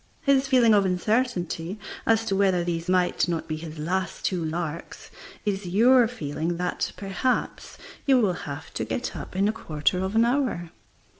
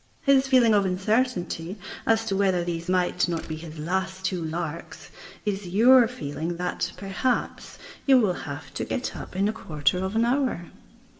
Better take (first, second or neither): first